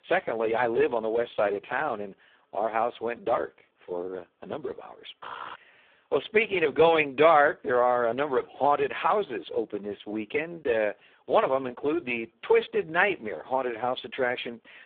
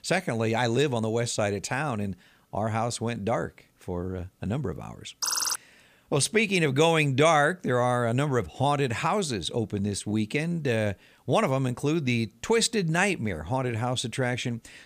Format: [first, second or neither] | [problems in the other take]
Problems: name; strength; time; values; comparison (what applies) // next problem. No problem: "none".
second | phone-call audio; poor line